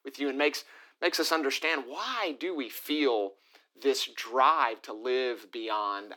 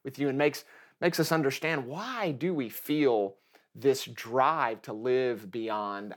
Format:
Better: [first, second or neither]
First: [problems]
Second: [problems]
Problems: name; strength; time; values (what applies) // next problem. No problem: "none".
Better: second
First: thin; very slightly; fading below 250 Hz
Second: none